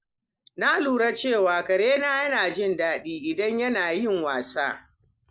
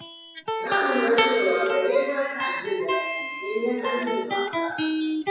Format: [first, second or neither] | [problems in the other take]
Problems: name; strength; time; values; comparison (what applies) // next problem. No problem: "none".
first | noise reduction (classical method WPE with log-MMSE)